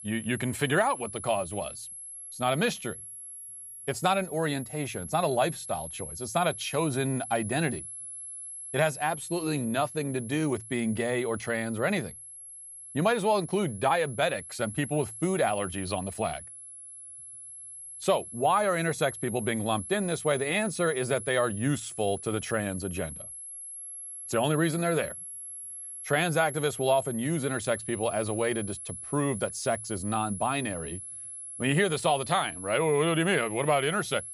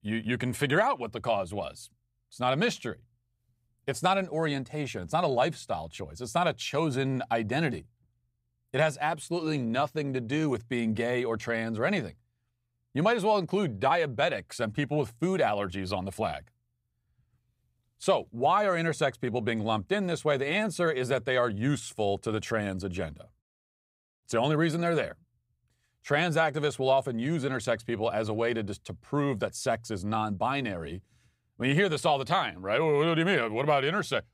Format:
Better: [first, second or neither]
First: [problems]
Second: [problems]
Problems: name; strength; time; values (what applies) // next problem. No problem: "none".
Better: second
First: high-pitched whine; noticeable; throughout; 11 kHz, 10 dB below the speech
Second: none